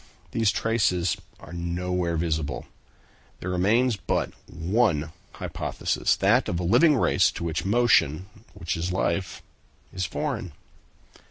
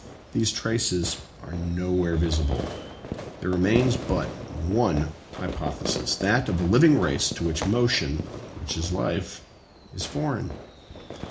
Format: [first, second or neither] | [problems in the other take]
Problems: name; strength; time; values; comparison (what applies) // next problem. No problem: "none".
first | background sound (Fireworks); 11 dB below the speech // room echo; dies away in 0.4 s